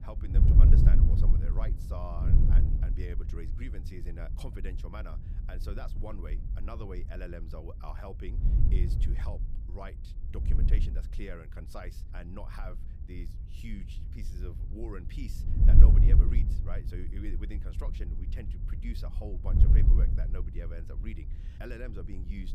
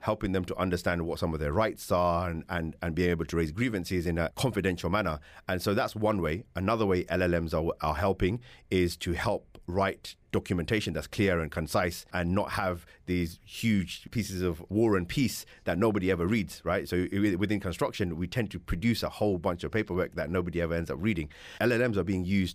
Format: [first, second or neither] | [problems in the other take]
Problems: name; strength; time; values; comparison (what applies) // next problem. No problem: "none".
second | wind noise on the microphone; heavy; as loud as the speech